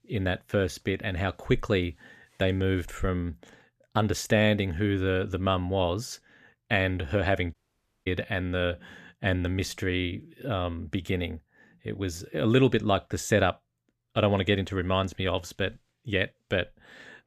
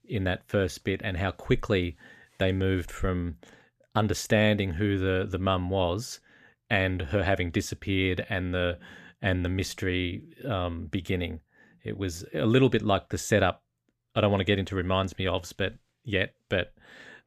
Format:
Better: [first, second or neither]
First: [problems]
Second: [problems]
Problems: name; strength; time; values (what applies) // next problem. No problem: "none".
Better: second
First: audio cutting out; at 7.5 s for 0.5 s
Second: none